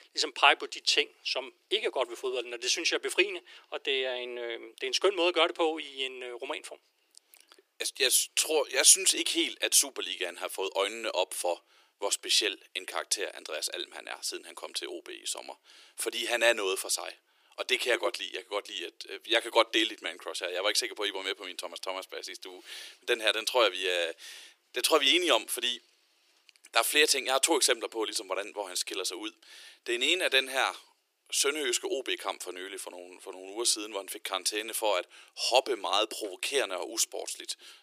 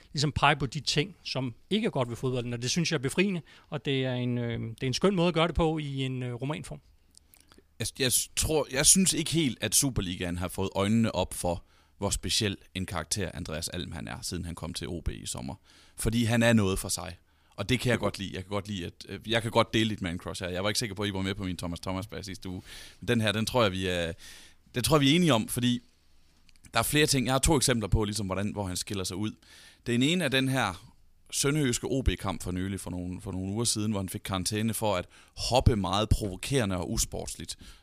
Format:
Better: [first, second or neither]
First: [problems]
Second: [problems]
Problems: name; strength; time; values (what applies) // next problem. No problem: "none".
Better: second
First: thin; very; fading below 350 Hz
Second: none